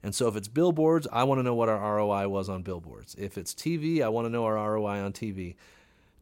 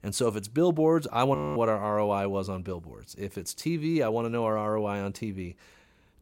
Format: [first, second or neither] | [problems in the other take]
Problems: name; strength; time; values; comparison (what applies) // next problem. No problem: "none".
first | audio freezing; at 1.5 s